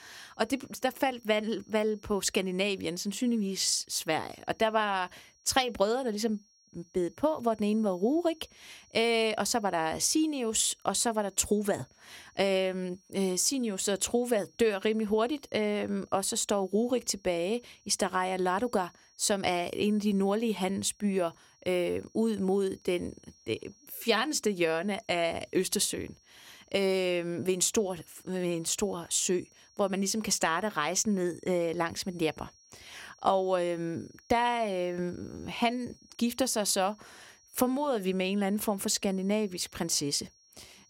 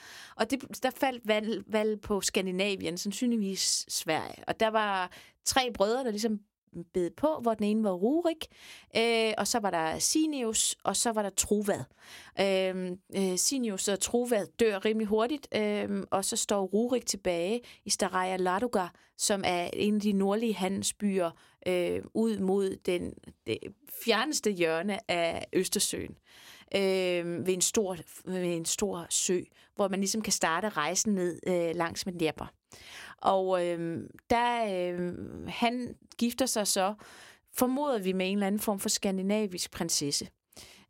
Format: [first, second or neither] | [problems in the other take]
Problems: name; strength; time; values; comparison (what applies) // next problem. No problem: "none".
second | high-pitched whine; faint; throughout; 5.5 kHz, 30 dB below the speech